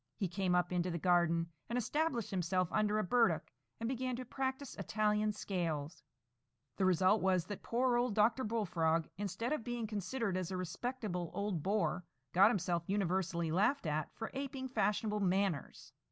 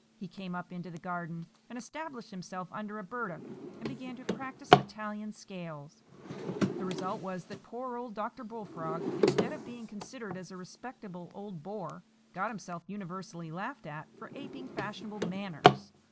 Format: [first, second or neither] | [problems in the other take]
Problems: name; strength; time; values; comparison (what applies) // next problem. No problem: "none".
first | background sound (Drawer open or close); 5 dB above the speech